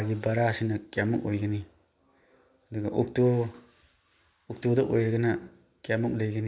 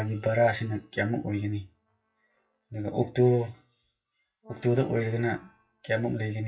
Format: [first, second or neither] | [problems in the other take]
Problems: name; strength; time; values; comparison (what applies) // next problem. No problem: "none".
first | noise reduction (classical method WPE with log-MMSE)